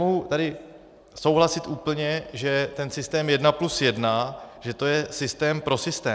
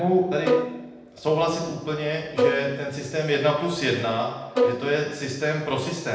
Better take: first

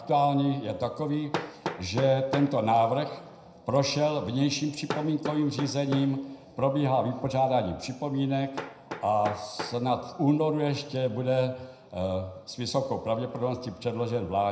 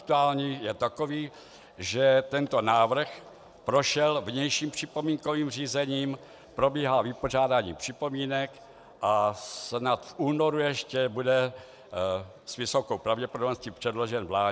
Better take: second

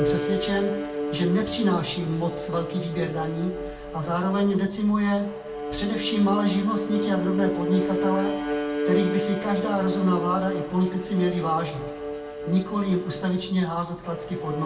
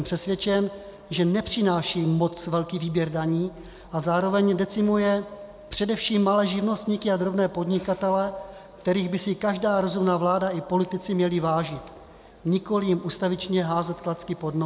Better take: second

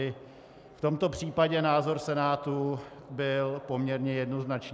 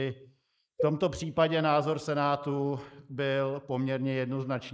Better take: first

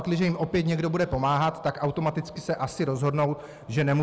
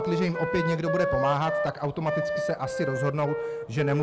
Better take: first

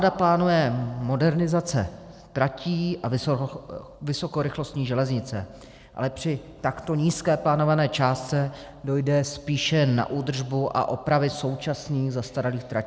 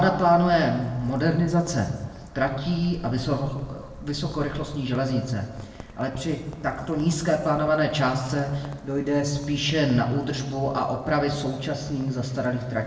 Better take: first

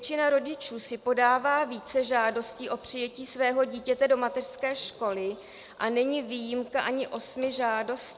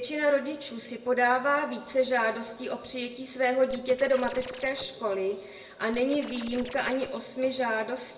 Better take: first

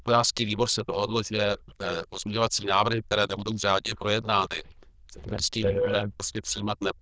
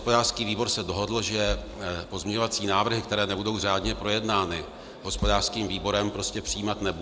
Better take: second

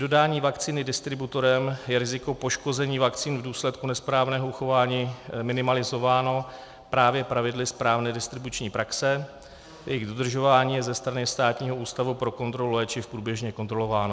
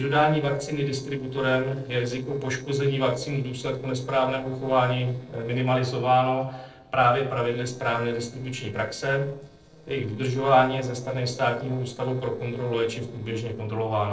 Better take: first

